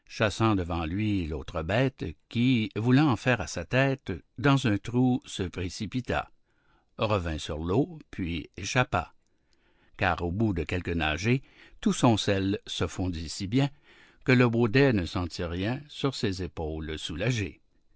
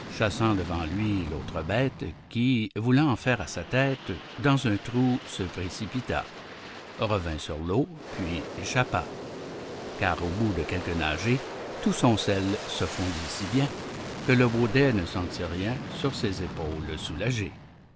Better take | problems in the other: first | background sound (Aircraft); 11 dB below the speech

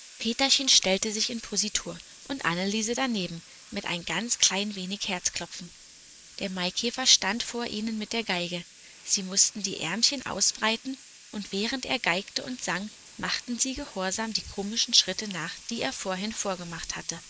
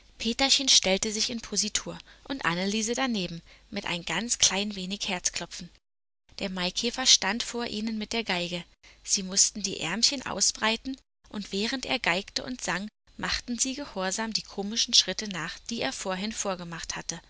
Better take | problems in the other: second | noise reduction (neural mask model Resemble Enhance denoiser)

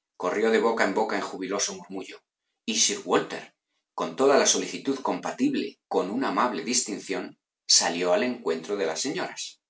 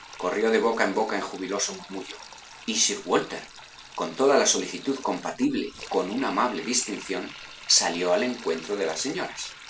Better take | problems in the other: first | background sound (Sink (filling or washing)); 17 dB below the speech

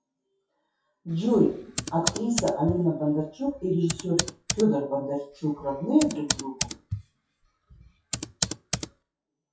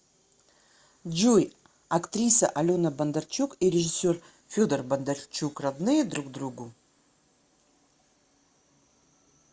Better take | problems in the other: second | noise reduction (classical method WPE with log-MMSE)

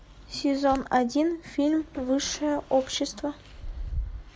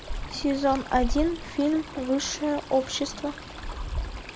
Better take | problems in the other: first | background sound (Stream); 8 dB below the speech

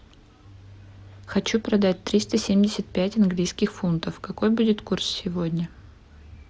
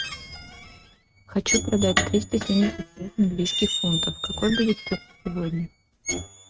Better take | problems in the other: first | noise reduction (neural mask model RNNoise)

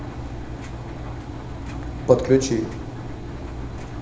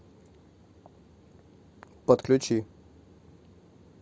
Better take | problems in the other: second | background sound (Engine); 6 dB below the speech // room echo; dies away in 0.7 s

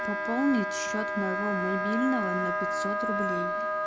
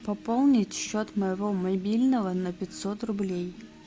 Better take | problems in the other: second | background sound (Wind instrument, woodwind instrument); 1 dB above the speech

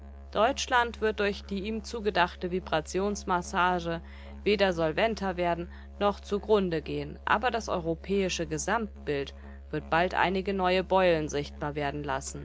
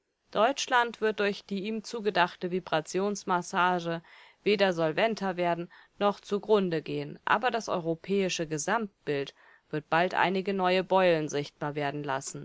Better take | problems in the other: second | background sound (Musical instrument); 15 dB below the speech

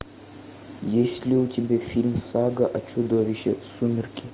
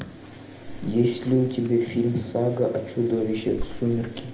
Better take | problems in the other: first | background sound (Drawer open or close); 14 dB below the speech // room echo; dies away in 0.7 s

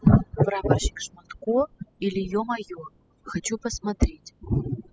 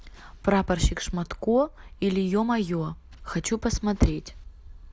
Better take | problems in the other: second | noise reduction (classical method spectral subtraction)

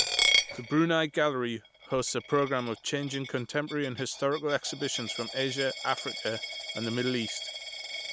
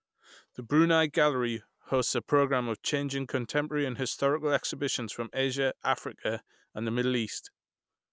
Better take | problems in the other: second | background sound (Coin (dropping)); 4 dB below the speech

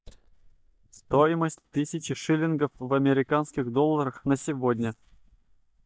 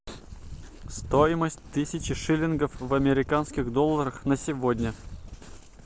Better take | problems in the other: second | noise reduction (neural mask model DeepFilterNet 3)

